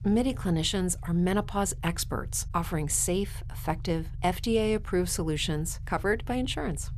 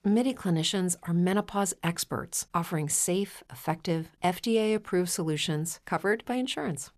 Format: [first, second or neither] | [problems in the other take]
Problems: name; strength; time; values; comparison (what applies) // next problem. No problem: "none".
second | low rumble; faint; throughout; 25 dB below the speech